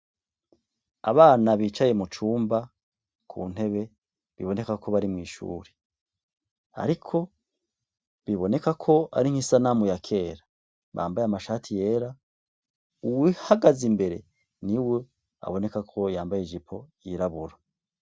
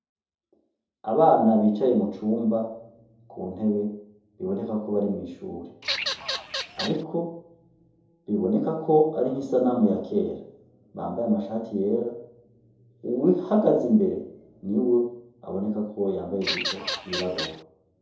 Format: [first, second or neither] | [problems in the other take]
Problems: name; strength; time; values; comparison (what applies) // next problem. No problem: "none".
first | background sound (Bird vocalization, bird call, bird song / Fowl); 5 dB below the speech // room echo; dies away in 2.6 s